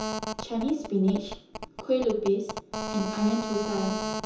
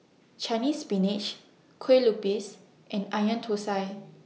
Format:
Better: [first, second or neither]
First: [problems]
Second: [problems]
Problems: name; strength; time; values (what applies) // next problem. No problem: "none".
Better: second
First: background sound (Telephone); 6 dB below the speech // room echo; dies away in 0.6 s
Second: none